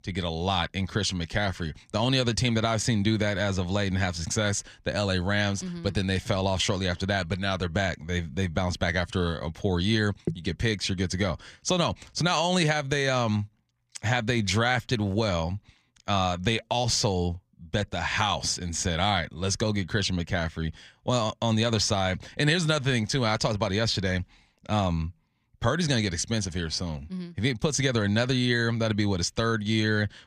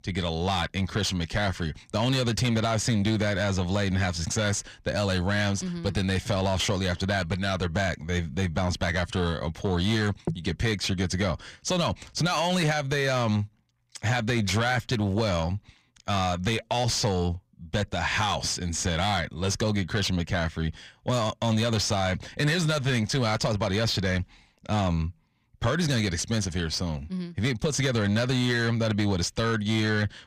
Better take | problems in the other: first | distortion; slight; 10 dB below the speech

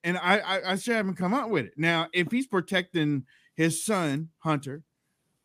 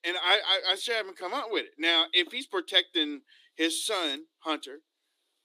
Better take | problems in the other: first | thin; somewhat; fading below 300 Hz

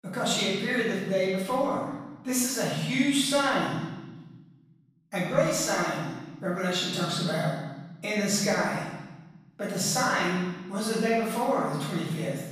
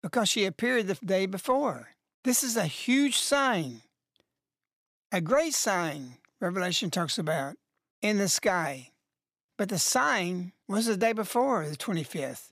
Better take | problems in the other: second | off-mic speech; far // room echo; strong; dies away in 1.2 s

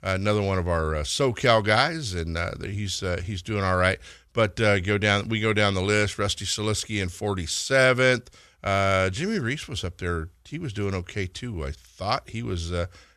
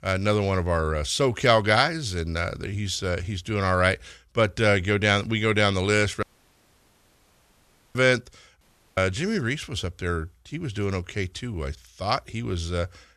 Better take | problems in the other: first | audio cutting out; at 6 s for 1.5 s and at 8.5 s

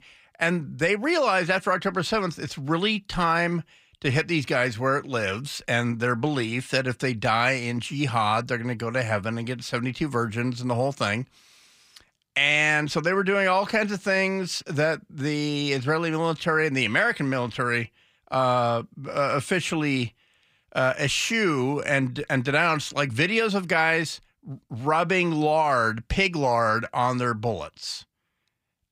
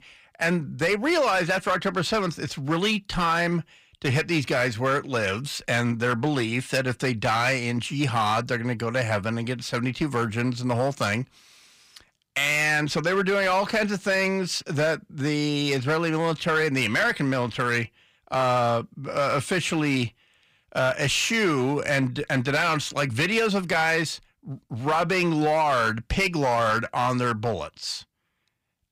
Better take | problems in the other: first | distortion; slight; 6% of the sound clipped

